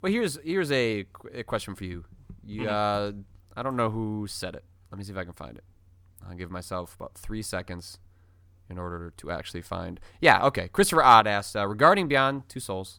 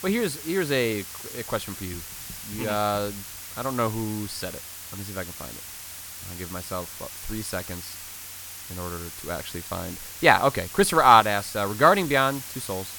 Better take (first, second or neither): first